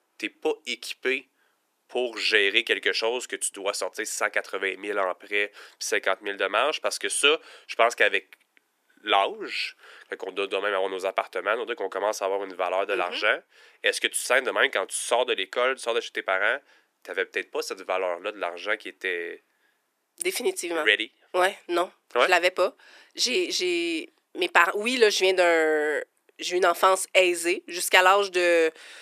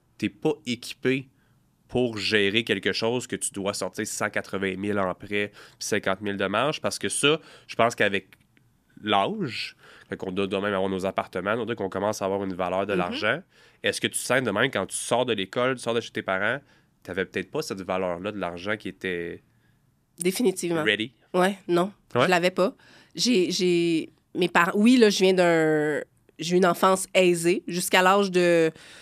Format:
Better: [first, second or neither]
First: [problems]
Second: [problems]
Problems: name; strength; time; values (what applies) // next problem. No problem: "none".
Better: second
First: thin; very; fading below 400 Hz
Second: none